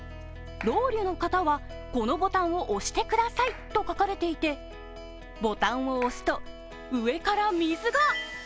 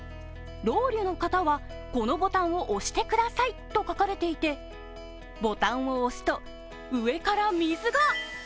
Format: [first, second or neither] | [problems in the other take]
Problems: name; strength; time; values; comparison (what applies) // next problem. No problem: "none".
second | background sound (Clapping); 16 dB below the speech